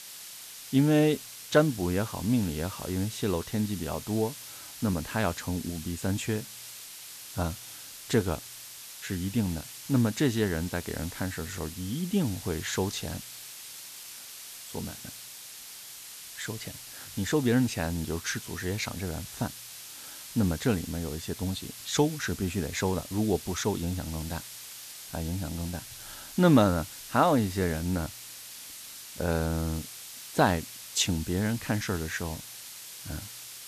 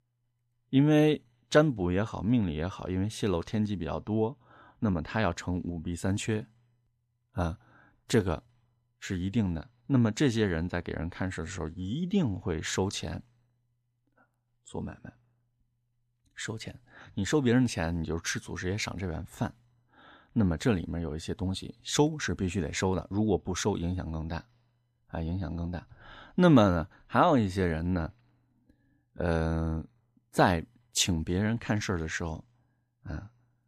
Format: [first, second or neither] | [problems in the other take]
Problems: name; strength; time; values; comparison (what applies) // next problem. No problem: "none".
second | hiss; noticeable; throughout; 10 dB below the speech